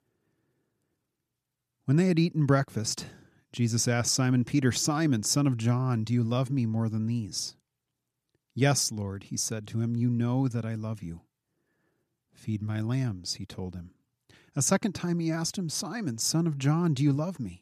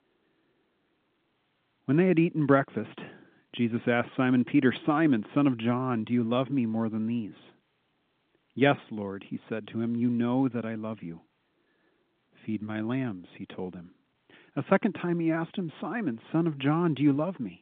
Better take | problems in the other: first | phone-call audio

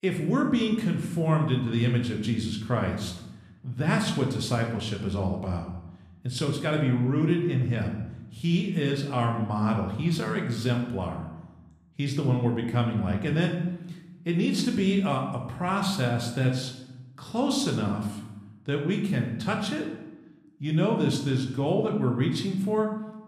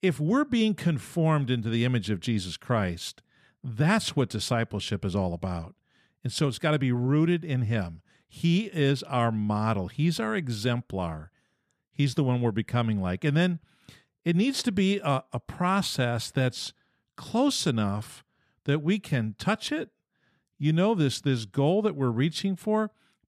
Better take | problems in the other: second | room echo; slight; dies away in 0.8 s // off-mic speech; somewhat distant

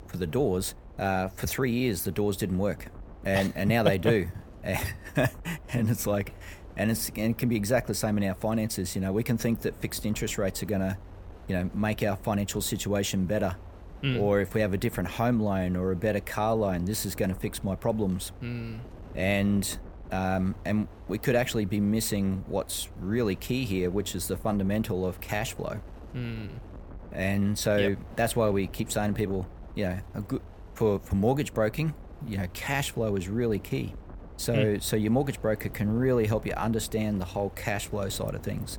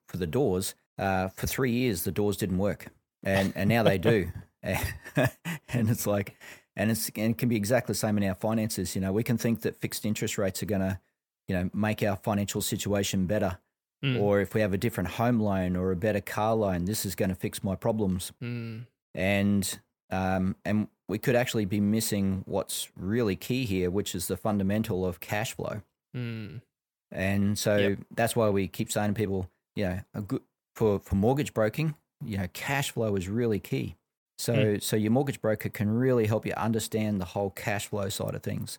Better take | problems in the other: second | wind noise on the microphone; occasional gusts; 20 dB below the speech

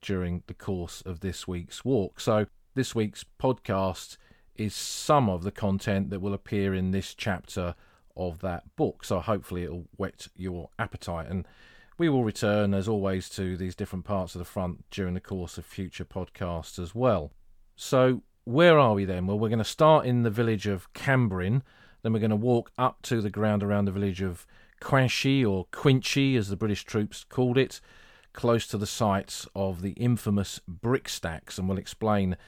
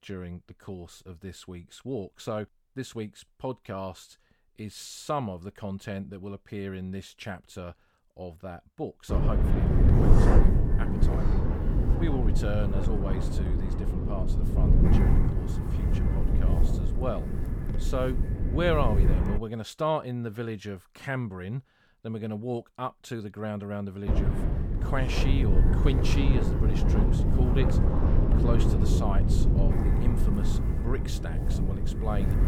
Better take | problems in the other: first | wind noise on the microphone; heavy; from 9 to 19 s and from 24 s on; as loud as the speech

